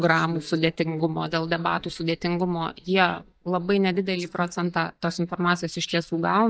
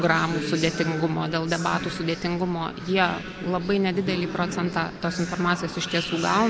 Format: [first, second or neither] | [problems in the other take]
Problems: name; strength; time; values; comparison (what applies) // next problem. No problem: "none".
second | noise reduction (neural mask model DeepFilterNet 3)